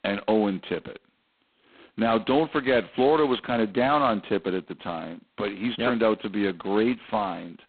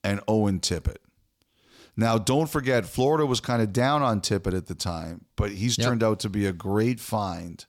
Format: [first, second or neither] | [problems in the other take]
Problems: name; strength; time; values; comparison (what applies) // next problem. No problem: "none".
second | phone-call audio; poor line; nothing above 4 kHz